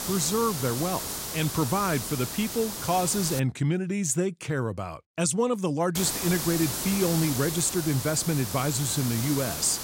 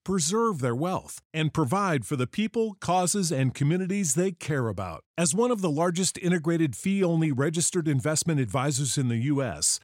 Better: second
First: hiss; loud; until 3.5 s and from 6 s on; 4 dB below the speech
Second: none

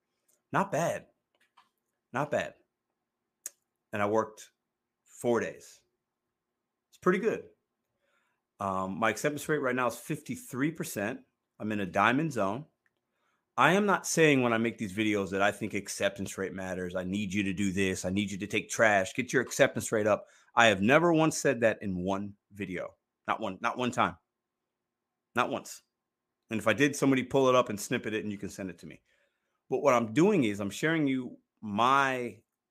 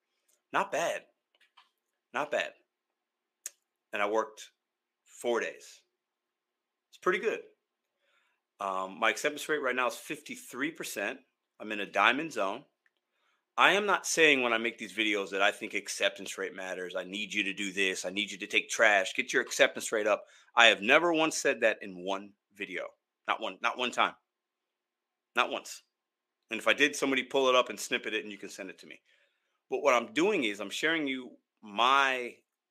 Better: first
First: none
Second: thin; somewhat; fading below 350 Hz

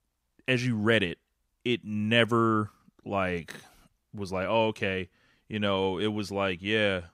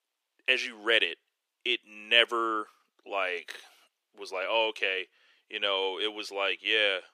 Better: first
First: none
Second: thin; very; fading below 350 Hz

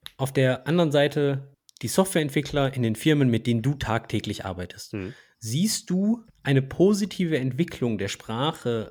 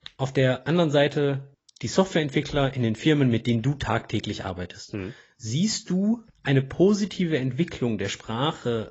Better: first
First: none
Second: garbled, watery; badly; nothing above 7.5 kHz

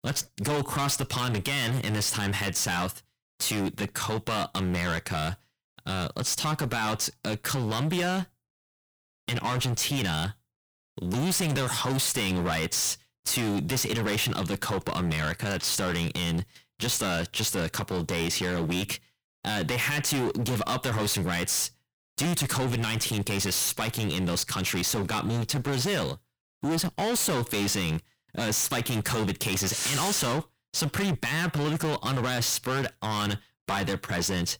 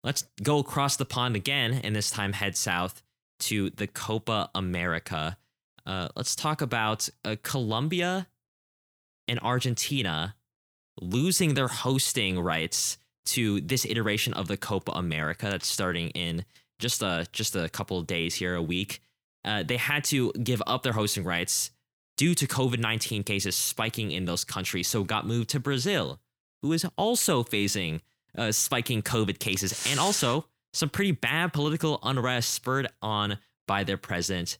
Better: second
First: distortion; heavy; 25% of the sound clipped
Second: none

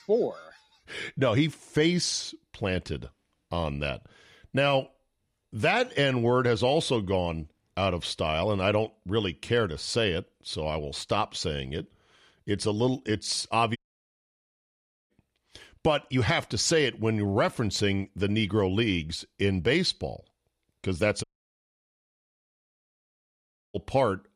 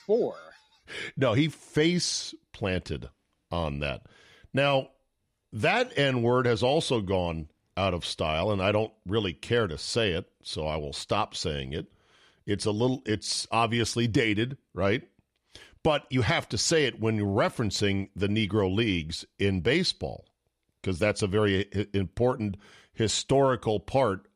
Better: second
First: audio cutting out; at 14 s for 1.5 s and at 21 s for 2.5 s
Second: none

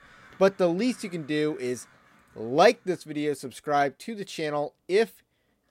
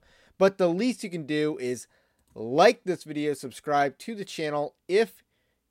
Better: second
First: animal sounds; faint; throughout; 30 dB below the speech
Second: none

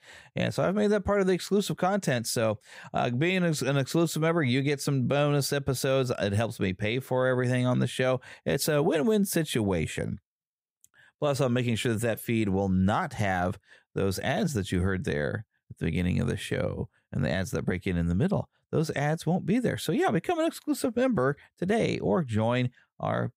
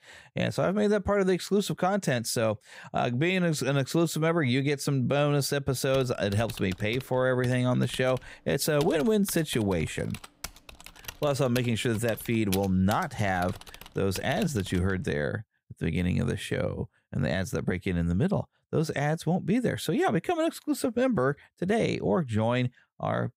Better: first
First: none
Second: keyboard typing; noticeable; from 6 to 15 s; peak 10 dB below the speech

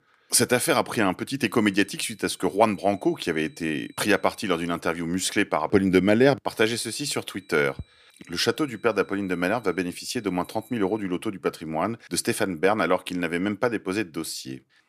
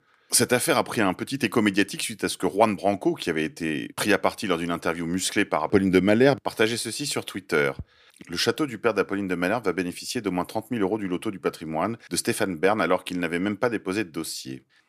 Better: second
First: high-pitched whine; faint; from 1.5 to 5 s and from 7.5 to 11 s; 4 kHz, 35 dB below the speech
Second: none

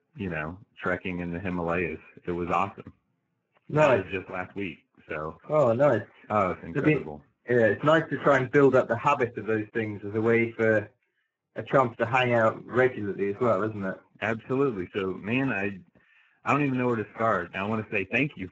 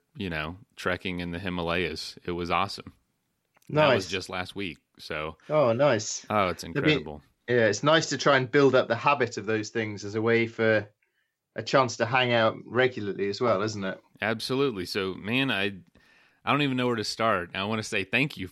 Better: second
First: garbled, watery; badly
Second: none

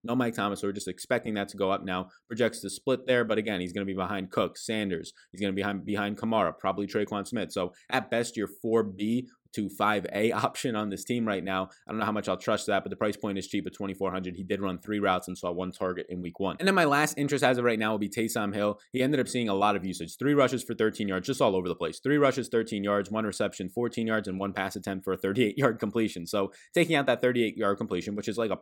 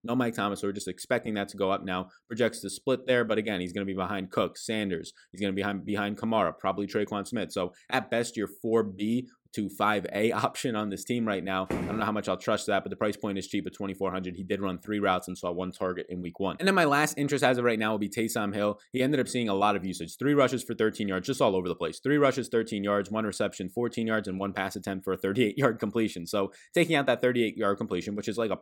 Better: first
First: none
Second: footsteps; noticeable; at 12 s; peak 4 dB below the speech

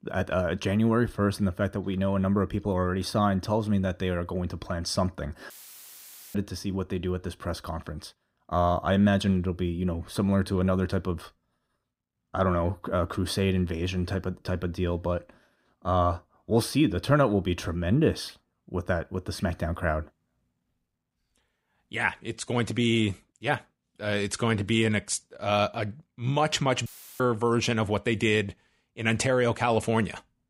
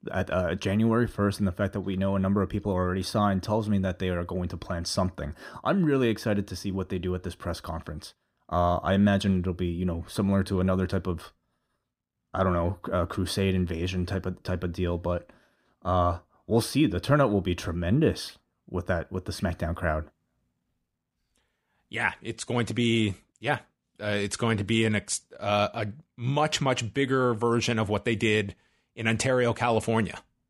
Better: second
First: audio cutting out; filled with static; at 5.5 s for 1 s and at 27 s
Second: none

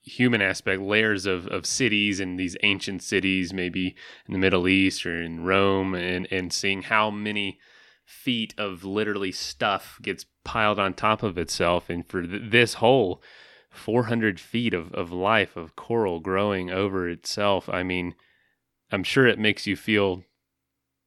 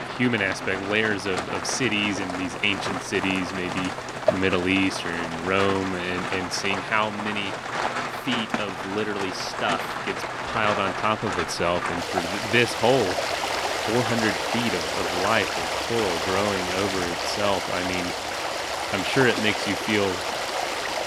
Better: first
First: none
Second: rain or running water; loud; throughout; 2 dB below the speech

